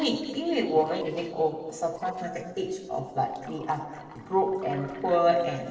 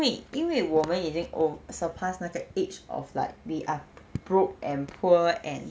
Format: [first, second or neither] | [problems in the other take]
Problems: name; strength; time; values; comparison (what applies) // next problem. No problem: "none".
second | noise reduction (neural separator model SepFormer DNS4)